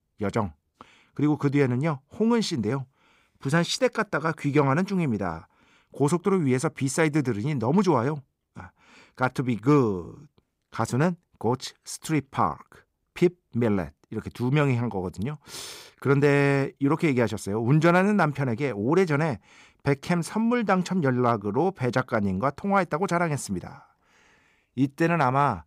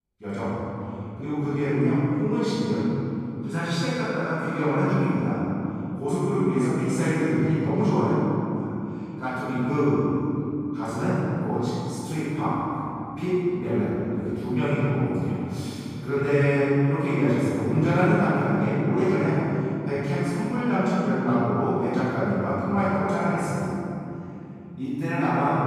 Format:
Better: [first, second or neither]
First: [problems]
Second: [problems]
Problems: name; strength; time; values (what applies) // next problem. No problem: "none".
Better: first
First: none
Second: off-mic speech; far // room echo; strong; dies away in 3 s